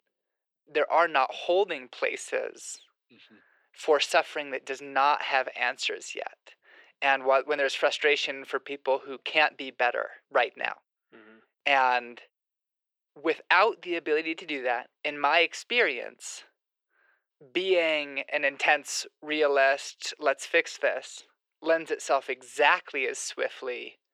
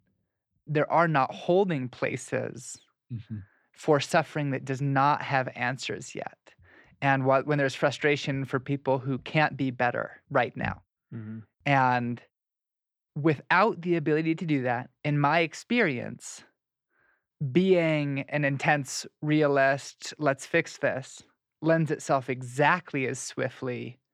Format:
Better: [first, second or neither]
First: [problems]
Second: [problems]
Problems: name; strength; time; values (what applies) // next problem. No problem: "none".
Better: second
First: thin; very; fading below 400 Hz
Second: none